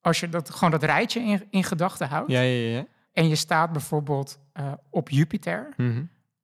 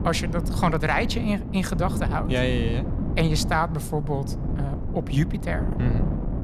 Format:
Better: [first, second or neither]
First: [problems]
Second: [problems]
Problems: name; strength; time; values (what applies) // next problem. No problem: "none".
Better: first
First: none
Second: wind noise on the microphone; heavy; 10 dB below the speech